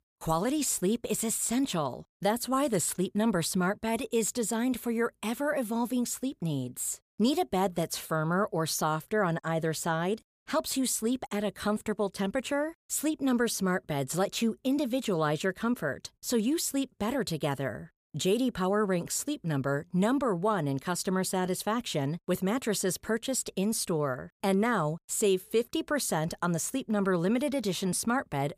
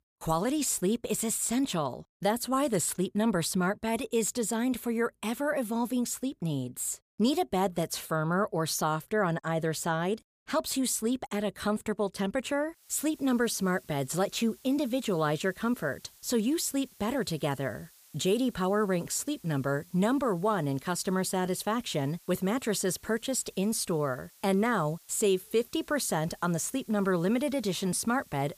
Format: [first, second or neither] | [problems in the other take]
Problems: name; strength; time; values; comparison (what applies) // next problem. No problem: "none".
first | hiss; faint; from 13 s on; 25 dB below the speech